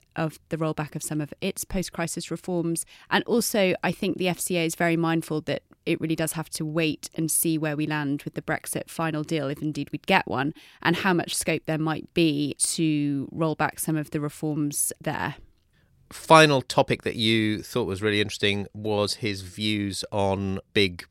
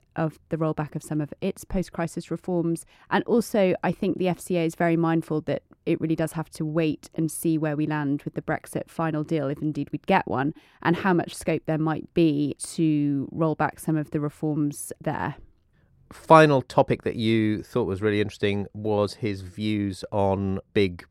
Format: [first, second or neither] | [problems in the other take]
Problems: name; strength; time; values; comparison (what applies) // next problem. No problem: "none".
first | muffled; slightly; fading above 2 kHz